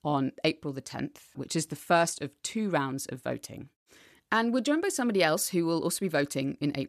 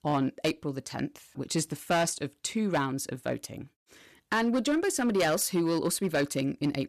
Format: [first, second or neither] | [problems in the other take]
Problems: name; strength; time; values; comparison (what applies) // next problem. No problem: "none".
first | distortion; slight; 6% of the sound clipped